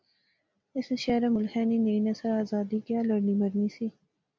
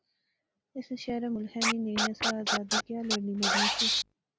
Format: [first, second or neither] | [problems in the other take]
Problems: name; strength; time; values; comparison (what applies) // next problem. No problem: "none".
first | background sound (Scratching (performance technique)); 4 dB above the speech